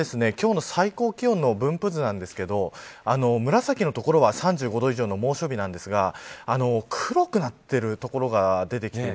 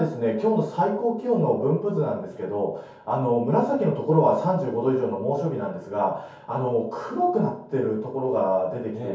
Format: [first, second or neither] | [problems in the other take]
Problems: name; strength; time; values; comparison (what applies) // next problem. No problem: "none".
first | room echo; dies away in 0.6 s